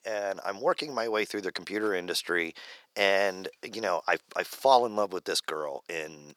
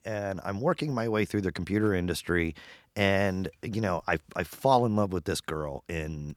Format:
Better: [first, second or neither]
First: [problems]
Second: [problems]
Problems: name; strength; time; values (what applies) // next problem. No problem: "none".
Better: second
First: thin; very; fading below 500 Hz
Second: none